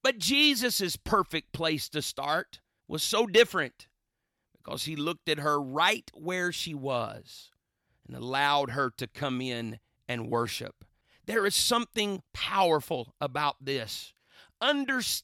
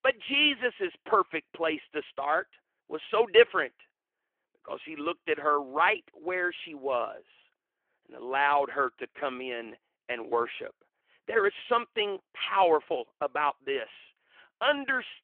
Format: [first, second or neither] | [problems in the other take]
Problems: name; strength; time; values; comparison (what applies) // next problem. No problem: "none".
first | phone-call audio; nothing above 3 kHz